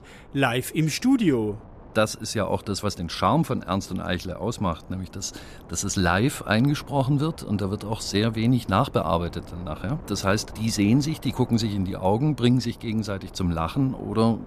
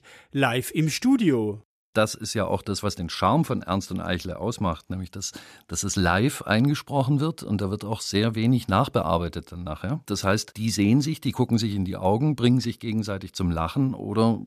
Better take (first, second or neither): second